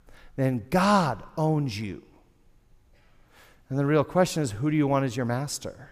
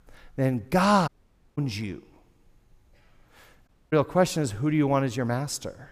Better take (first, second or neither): first